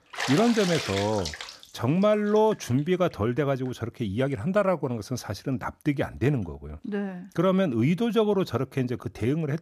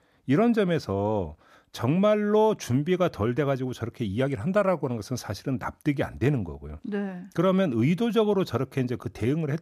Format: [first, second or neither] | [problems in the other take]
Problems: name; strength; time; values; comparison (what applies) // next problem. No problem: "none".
second | household noises; loud; throughout; 7 dB below the speech